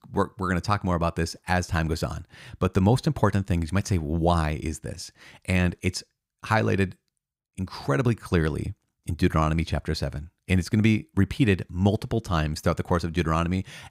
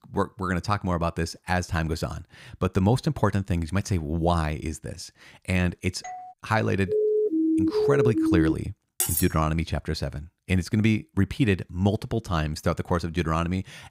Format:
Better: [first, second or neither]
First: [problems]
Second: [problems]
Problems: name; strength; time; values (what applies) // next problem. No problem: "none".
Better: first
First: none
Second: doorbell; faint; at 6 s; peak 15 dB below the speech // siren; loud; from 7 to 8.5 s; peak 3 dB above the speech // clattering dishes; loud; at 9 s; peak 1 dB above the speech